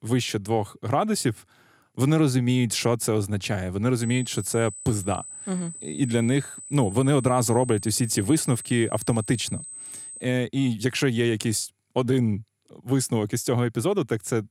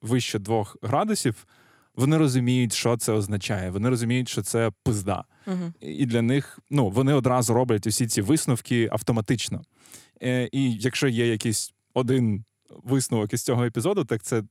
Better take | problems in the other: second | high-pitched whine; noticeable; from 4 to 10 s; 8 kHz, 10 dB below the speech

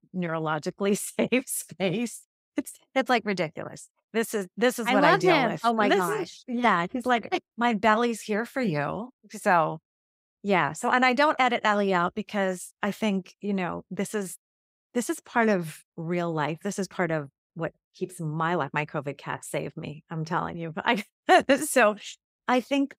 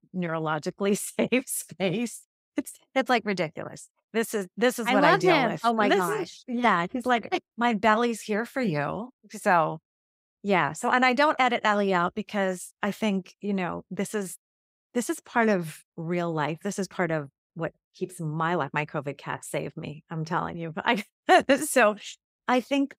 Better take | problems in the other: neither | none

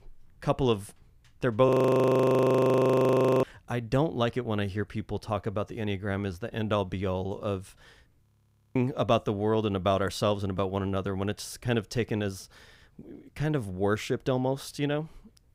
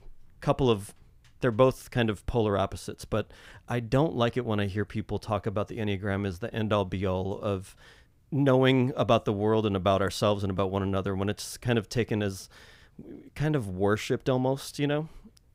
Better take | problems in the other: second | audio freezing; at 1.5 s for 1.5 s and at 8 s for 0.5 s

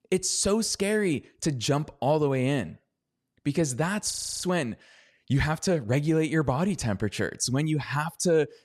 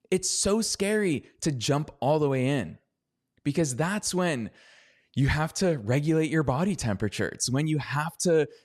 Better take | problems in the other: second | audio freezing; at 4 s

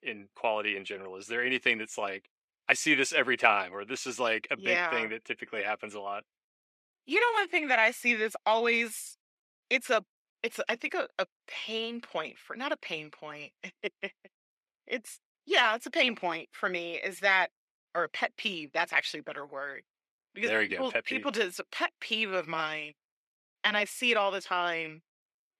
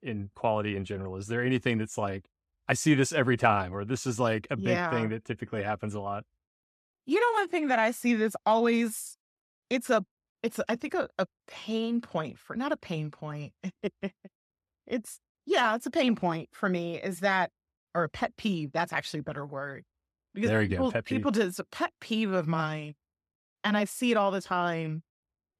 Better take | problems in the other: second | thin; somewhat; fading below 400 Hz

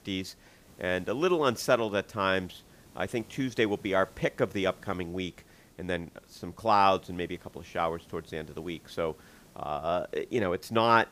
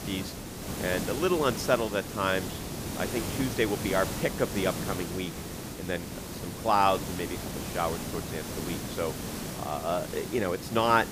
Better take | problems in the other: first | hiss; loud; throughout; 5 dB below the speech; faint in the first

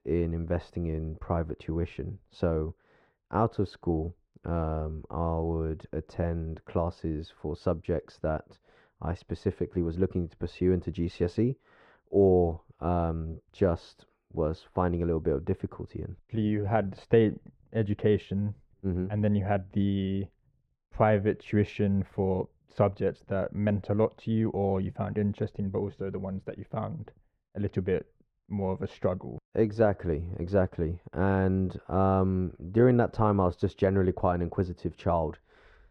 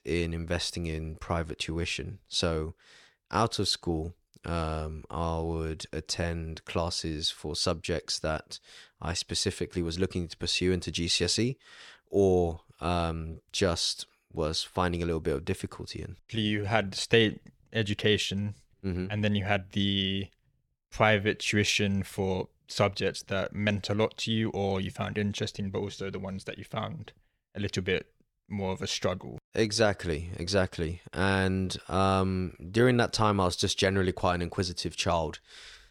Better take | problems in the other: second | muffled; very; fading above 2.5 kHz

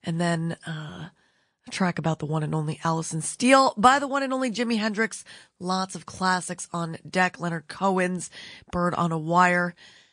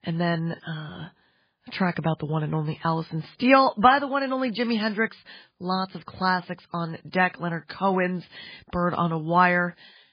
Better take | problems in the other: first | garbled, watery; badly; nothing above 4.5 kHz; slightly in the first

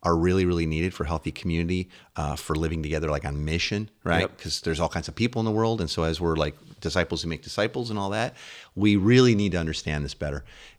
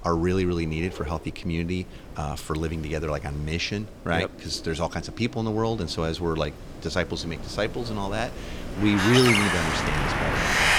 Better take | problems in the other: first | wind in the background; very loud; throughout; 1 dB above the speech

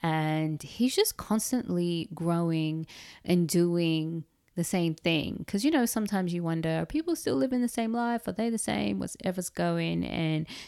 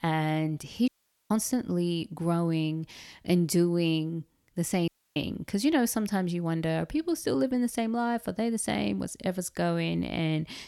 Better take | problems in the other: first | audio cutting out; at 1 s and at 5 s

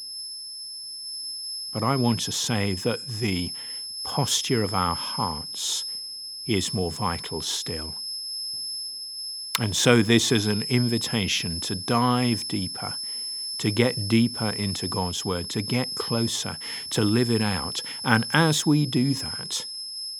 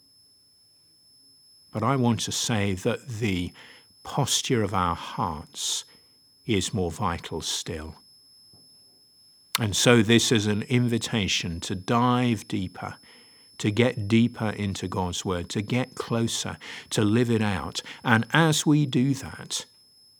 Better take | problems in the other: second | high-pitched whine; loud; throughout; 5.5 kHz, 6 dB below the speech; faint in the second

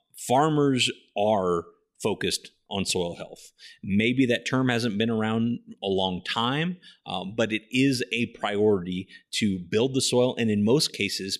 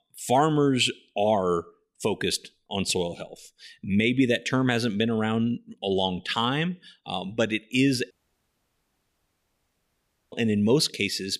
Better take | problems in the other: first | audio cutting out; at 8 s for 2 s

